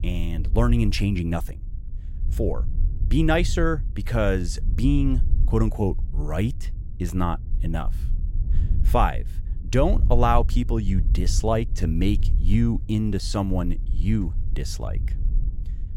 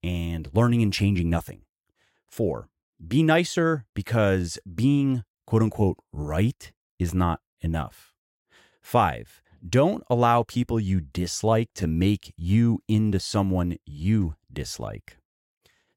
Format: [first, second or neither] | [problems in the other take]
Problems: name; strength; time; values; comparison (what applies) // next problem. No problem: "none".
second | low rumble; noticeable; throughout; 20 dB below the speech